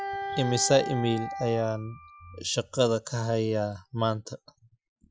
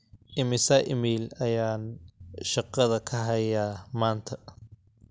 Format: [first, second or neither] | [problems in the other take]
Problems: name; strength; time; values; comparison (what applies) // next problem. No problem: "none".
second | noise reduction (classical method Wiener filter)